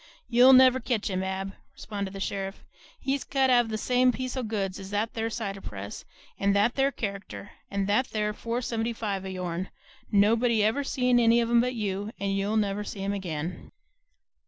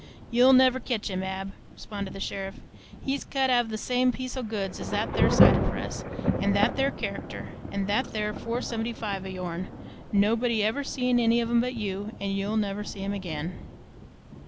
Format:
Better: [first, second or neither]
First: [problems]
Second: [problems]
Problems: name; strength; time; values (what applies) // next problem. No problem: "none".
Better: first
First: none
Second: background sound (Thunder / Rain); 4 dB below the speech